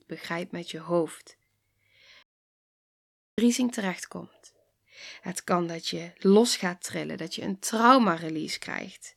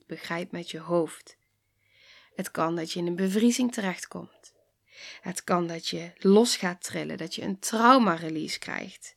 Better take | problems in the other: second | audio cutting out; at 2 s for 1 s

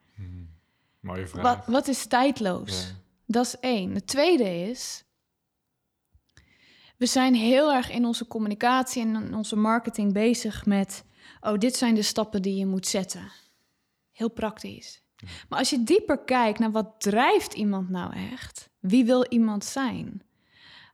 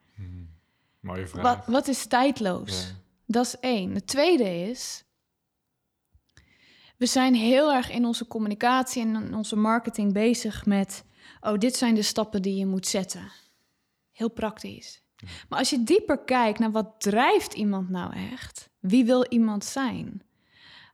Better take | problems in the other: neither | none

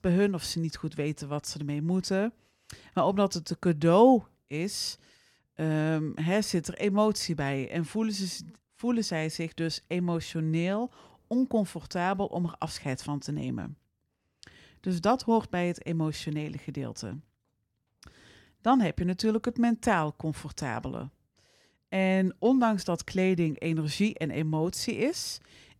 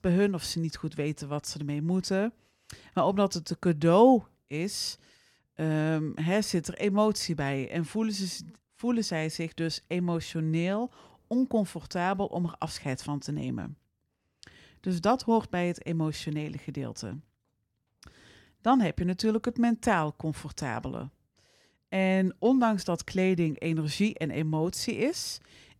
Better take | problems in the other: neither | none

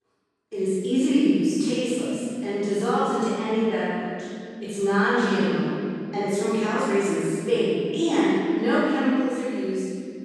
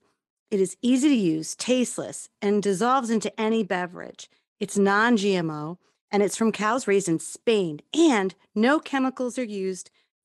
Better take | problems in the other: second | off-mic speech; far // room echo; strong; dies away in 2.2 s

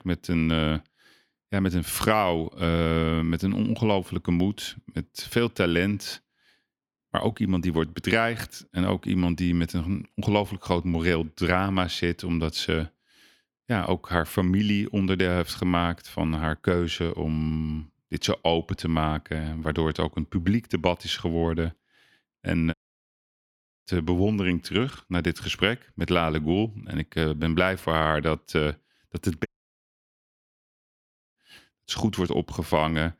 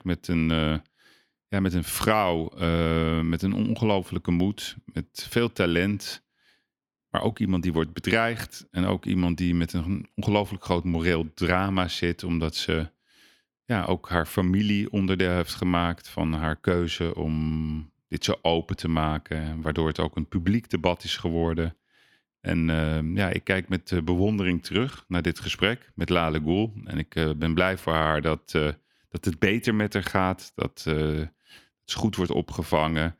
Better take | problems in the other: second | audio cutting out; at 23 s for 1 s and at 29 s for 2 s

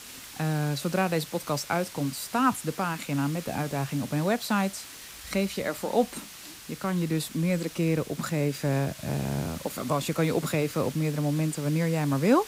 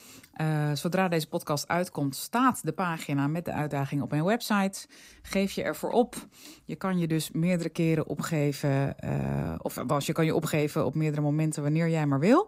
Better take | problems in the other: second | hiss; noticeable; throughout; 15 dB below the speech

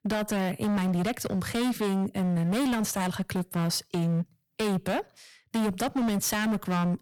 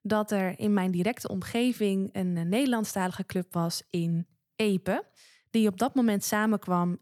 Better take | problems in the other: second | distortion; heavy; 27% of the sound clipped

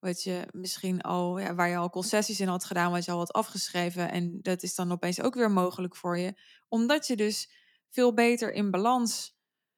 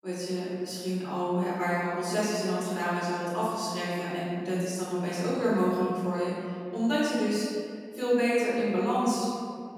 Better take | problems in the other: first | off-mic speech; far // room echo; strong; dies away in 2.3 s

